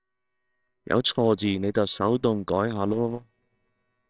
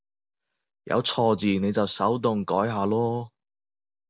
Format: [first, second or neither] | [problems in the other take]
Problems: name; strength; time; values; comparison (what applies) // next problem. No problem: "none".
second | noise reduction (neural separator model SepFormer WHAMR!)